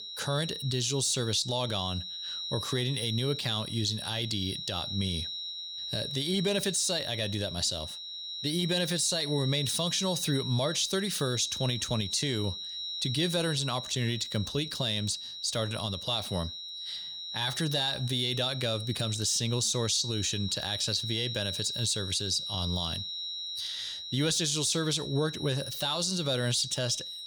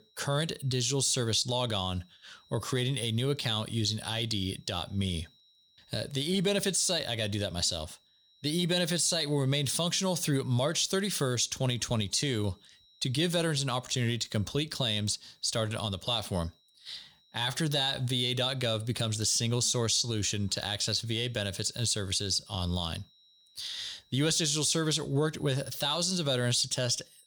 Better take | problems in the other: second | high-pitched whine; loud; throughout; 4 kHz, 6 dB below the speech; faint in the second

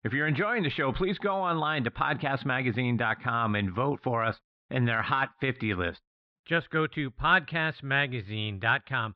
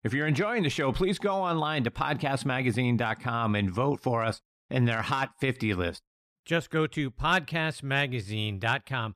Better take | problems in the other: second | muffled; slightly; fading above 4 kHz

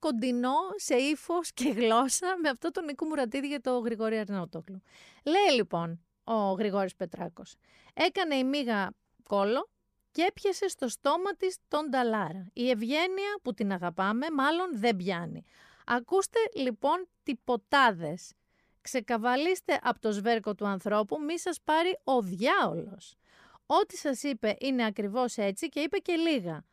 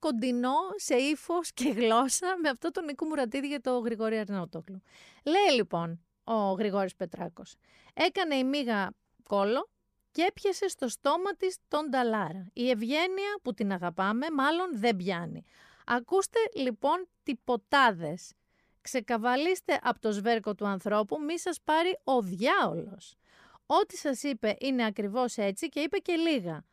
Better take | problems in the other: neither | none

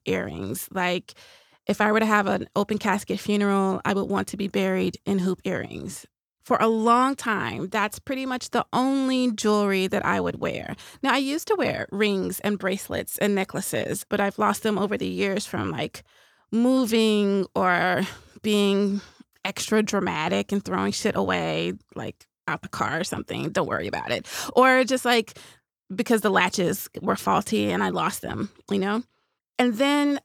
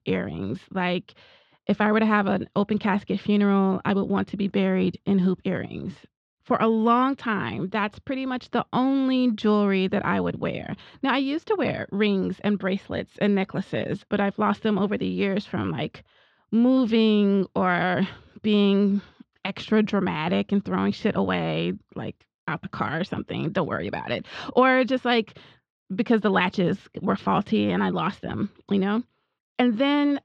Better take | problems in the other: first | muffled; slightly; fading above 3.5 kHz

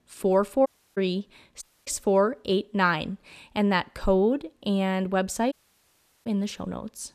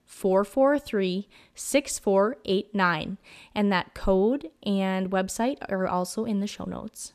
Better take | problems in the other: second | audio cutting out; at 0.5 s, at 1.5 s and at 5.5 s for 0.5 s

